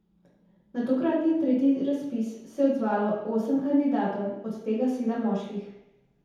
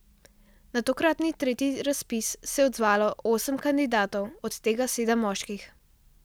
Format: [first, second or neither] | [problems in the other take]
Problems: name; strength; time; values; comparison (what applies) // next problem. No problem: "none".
second | room echo; dies away in 0.8 s